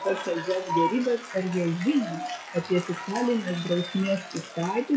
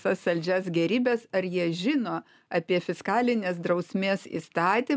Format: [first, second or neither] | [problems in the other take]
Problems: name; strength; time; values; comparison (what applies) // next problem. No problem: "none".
second | noise reduction (classical method WPE with log-MMSE)